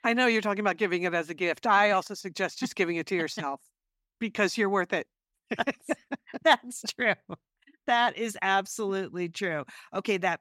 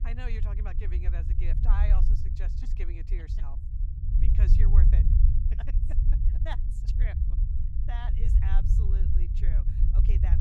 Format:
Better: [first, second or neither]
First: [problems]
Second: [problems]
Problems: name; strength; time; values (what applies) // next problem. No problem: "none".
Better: first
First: none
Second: low rumble; loud; throughout; 1 dB below the speech